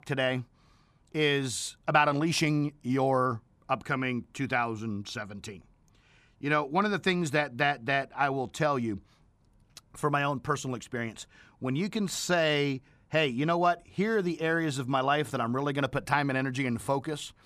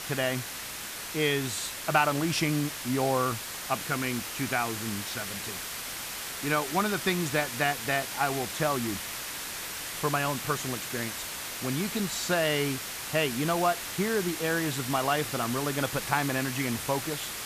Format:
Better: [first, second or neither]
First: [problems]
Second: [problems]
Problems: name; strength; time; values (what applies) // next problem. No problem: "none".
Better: first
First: none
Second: hiss; loud; throughout; 5 dB below the speech